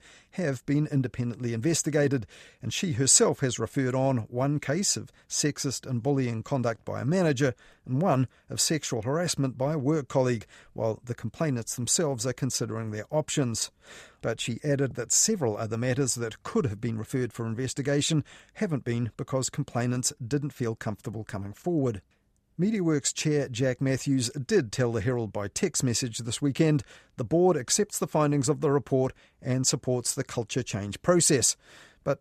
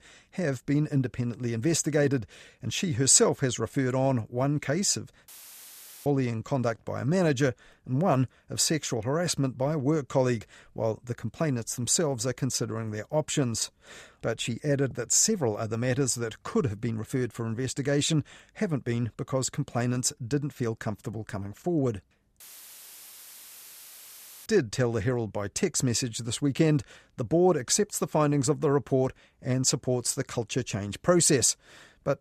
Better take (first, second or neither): first